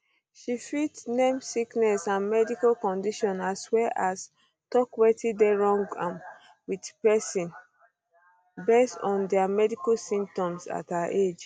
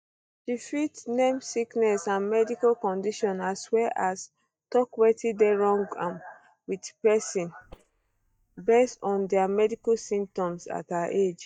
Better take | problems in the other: first | noise reduction (neural mask model DeepFilterNet 3)

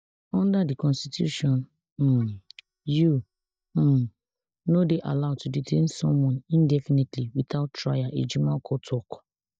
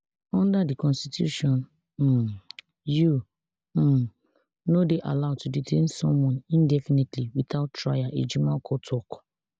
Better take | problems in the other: second | noise reduction (neural mask model DeepFilterNet 3)

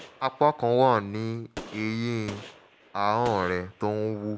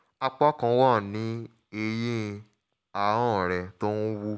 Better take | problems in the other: second | background sound (Gunshot, gunfire); 19 dB below the speech

